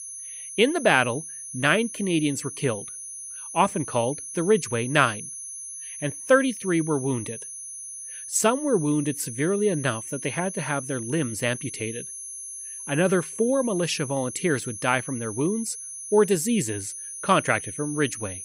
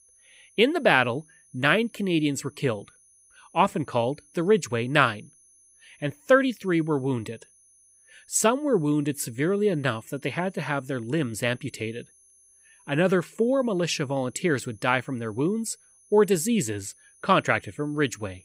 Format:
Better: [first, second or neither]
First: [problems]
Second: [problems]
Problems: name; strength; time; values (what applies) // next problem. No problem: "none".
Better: second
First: high-pitched whine; loud; throughout; 10.5 kHz, 9 dB below the speech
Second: high-pitched whine; faint; throughout; 10.5 kHz, 30 dB below the speech